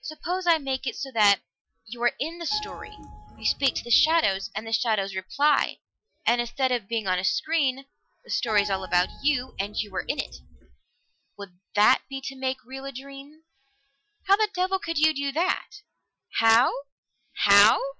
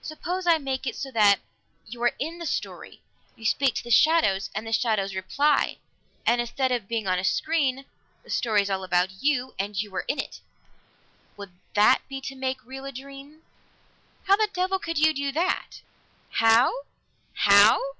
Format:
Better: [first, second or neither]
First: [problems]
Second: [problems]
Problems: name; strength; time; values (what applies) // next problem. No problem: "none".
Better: second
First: noise reduction (classical method Wiener filter)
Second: none